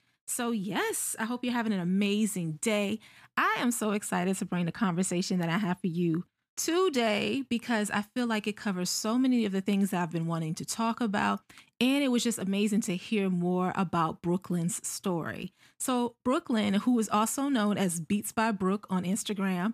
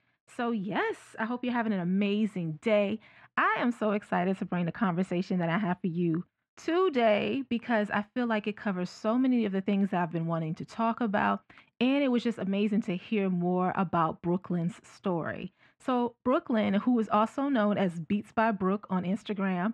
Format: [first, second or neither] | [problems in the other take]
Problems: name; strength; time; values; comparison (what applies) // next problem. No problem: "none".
first | muffled; very; fading above 2 kHz